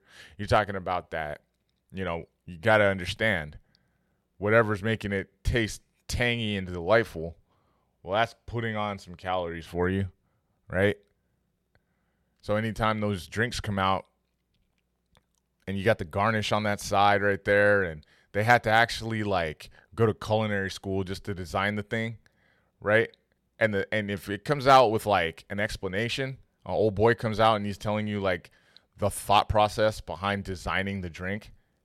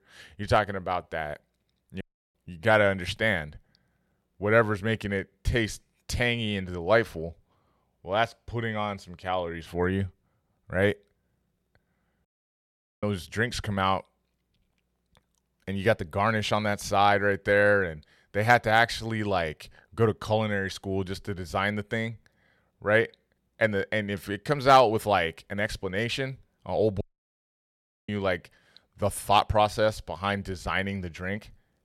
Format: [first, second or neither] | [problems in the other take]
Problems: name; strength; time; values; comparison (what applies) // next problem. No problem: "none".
first | audio cutting out; at 2 s, at 12 s for 1 s and at 27 s for 1 s